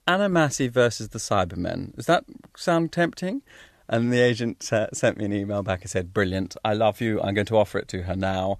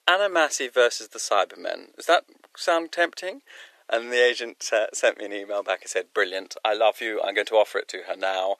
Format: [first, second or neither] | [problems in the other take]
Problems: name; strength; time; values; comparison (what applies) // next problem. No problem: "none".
first | thin; very; fading below 400 Hz